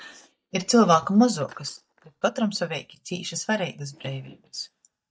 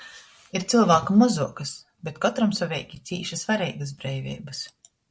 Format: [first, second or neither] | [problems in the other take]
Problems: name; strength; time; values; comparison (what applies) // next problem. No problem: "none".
second | noise reduction (neural mask model DeepFilterNet 3)